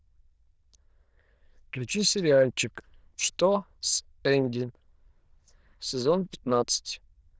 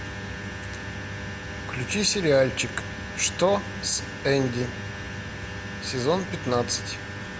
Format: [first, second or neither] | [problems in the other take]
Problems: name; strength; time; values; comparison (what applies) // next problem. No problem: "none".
second | noise reduction (neural diffusion model UNIVERSE++)